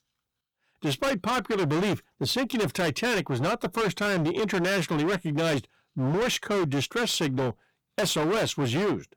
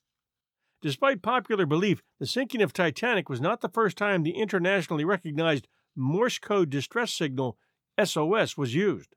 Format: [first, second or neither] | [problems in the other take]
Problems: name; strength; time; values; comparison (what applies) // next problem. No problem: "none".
second | distortion; heavy; 27% of the sound clipped